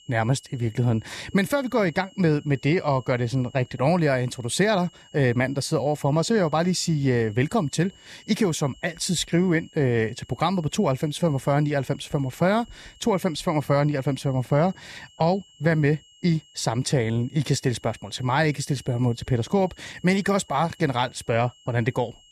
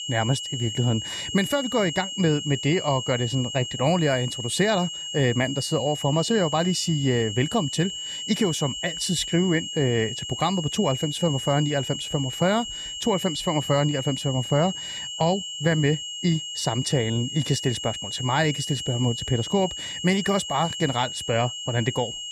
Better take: first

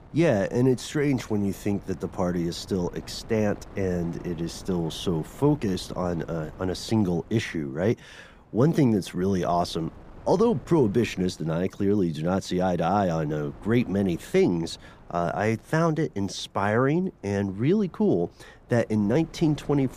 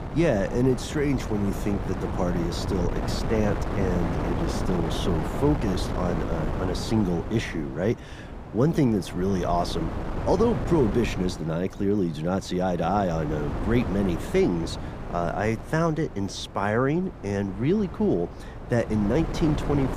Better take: first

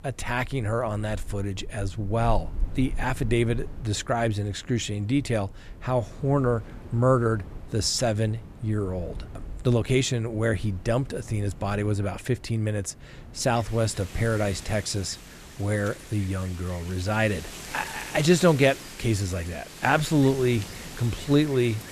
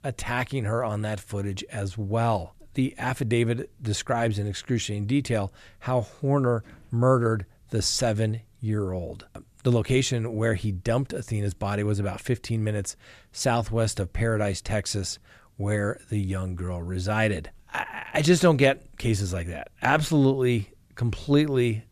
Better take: second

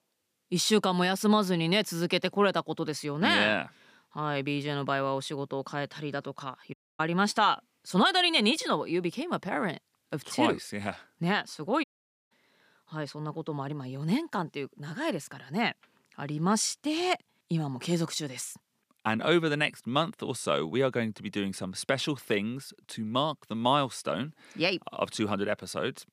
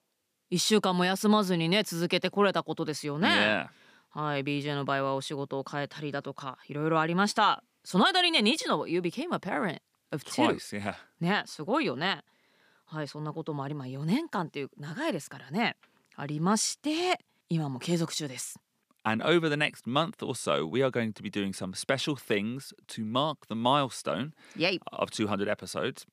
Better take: second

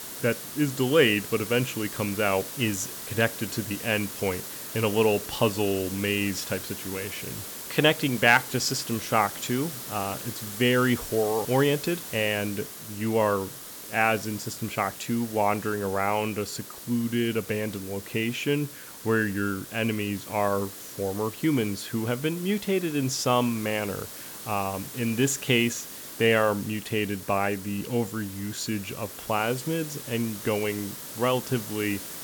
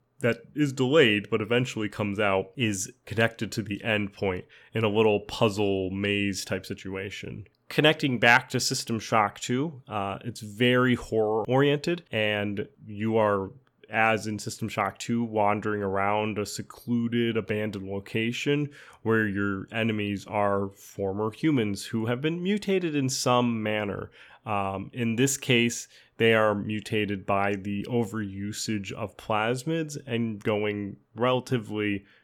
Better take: second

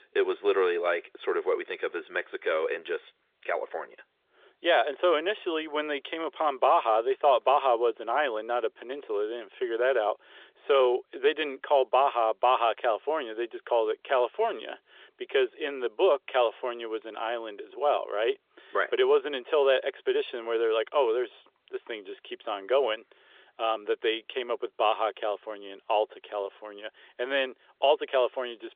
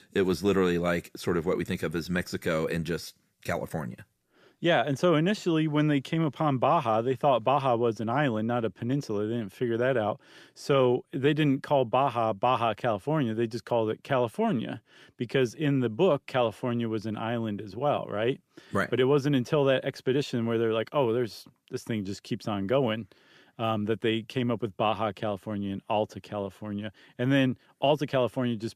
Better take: second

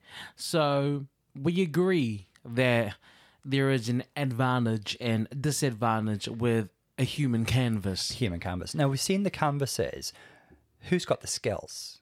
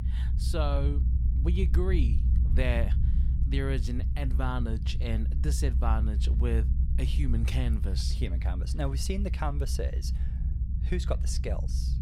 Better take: first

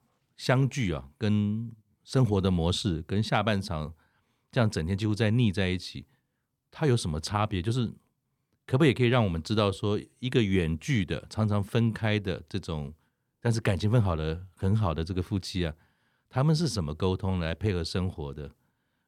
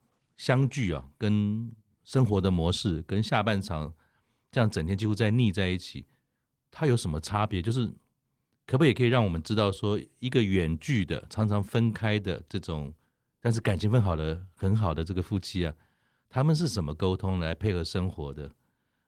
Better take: first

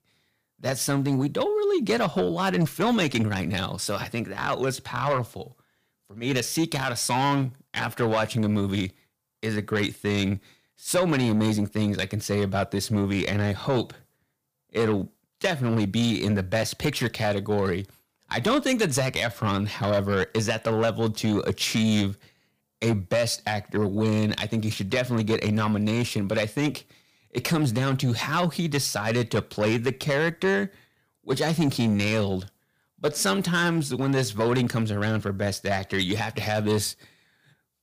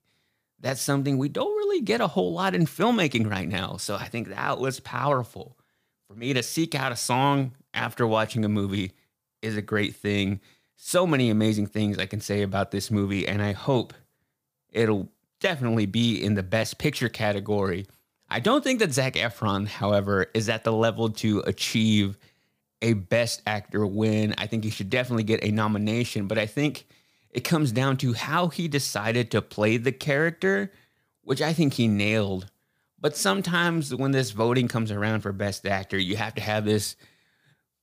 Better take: second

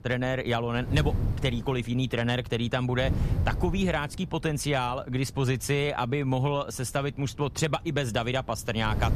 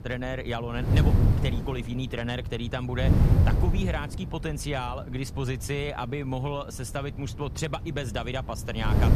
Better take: first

